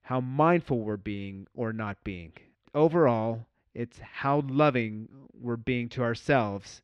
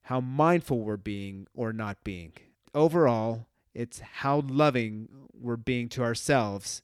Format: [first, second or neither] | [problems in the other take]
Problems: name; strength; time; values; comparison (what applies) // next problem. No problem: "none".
second | muffled; slightly; fading above 3 kHz